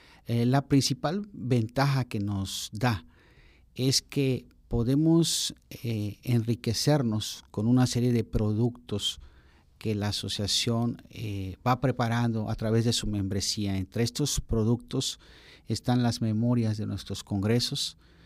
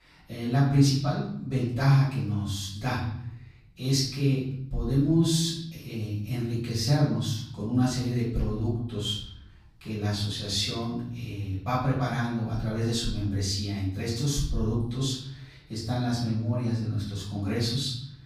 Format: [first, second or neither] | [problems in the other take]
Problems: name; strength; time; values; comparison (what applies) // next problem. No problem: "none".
first | off-mic speech; far // room echo; noticeable; dies away in 0.8 s